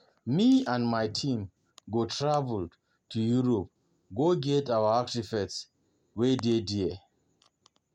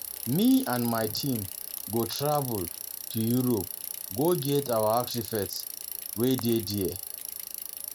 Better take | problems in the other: first | background sound (Bicycle); 9 dB below the speech

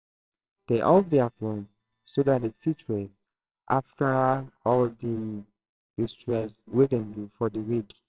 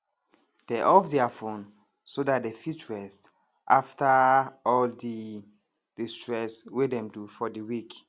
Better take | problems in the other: second | noise reduction (neural separator model SepFormer WHAMR!)

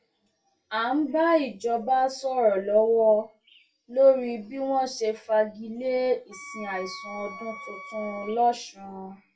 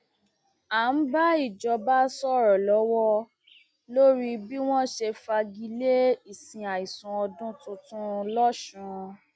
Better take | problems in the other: second | background sound (Wind instrument, woodwind instrument); 16 dB below the speech // room echo; dies away in 0.2 s

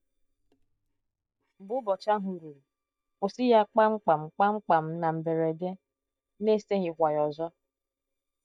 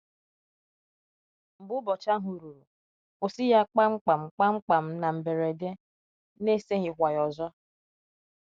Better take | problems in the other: second | noise reduction (neural mask model DeepFilterNet 3)

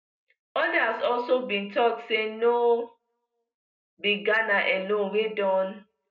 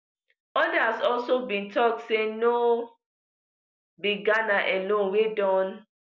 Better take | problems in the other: second | room echo; dies away in 0.2 s

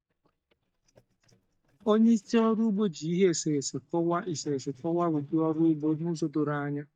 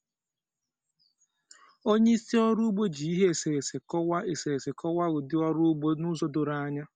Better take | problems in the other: second | noise reduction (neural mask model DeepFilterNet 3)

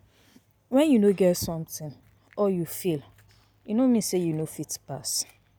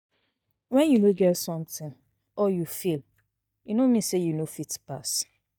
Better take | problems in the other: first | noise reduction (neural mask model DeepFilterNet 3)

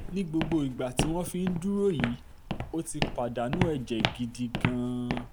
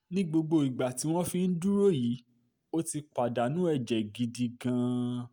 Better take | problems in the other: second | background sound (Walk, footsteps); 3 dB below the speech

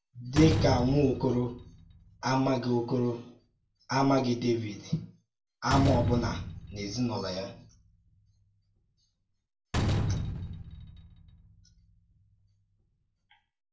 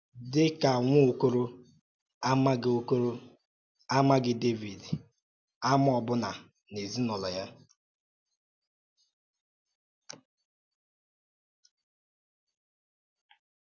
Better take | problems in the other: second | background sound (Slam); 4 dB below the speech // room echo; dies away in 0.3 s

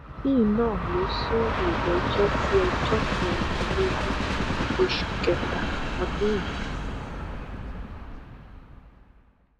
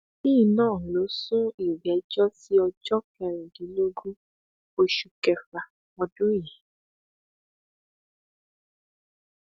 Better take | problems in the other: second | background sound (Train); 1 dB above the speech

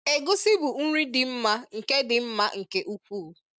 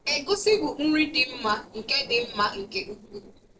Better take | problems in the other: first | noise reduction (neural separator model SepFormer DNS4)

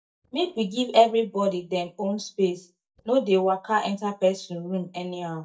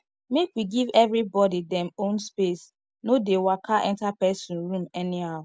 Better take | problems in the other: second | noise reduction (neural mask model DeepFilterNet 3)

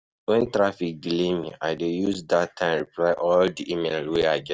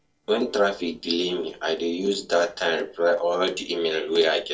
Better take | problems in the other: first | noise reduction (neural separator model SepFormer DNS4)

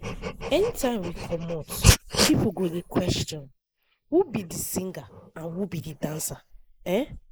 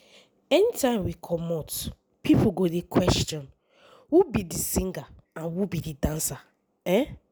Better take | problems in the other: second | noise reduction (neural mask model Resemble Enhance denoiser)

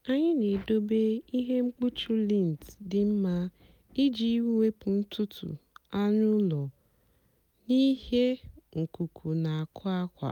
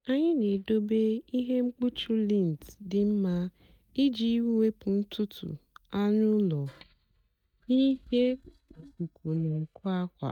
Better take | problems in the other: first | noise reduction (neural mask model DeepFilterNet 3)

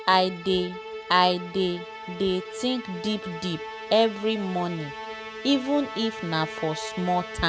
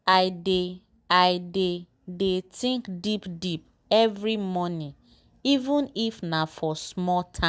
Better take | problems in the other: second | background sound (Musical instrument); 11 dB below the speech

